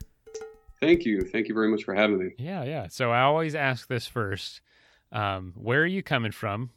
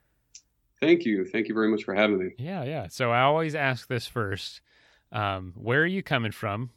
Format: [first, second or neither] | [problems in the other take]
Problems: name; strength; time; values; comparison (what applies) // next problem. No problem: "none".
second | clattering dishes; faint; until 1.5 s; peak 15 dB below the speech